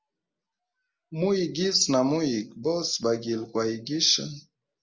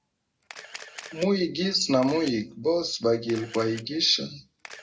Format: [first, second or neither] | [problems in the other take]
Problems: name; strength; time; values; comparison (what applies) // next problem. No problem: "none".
first | background sound (Camera); 19 dB below the speech // room echo; dies away in 0.2 s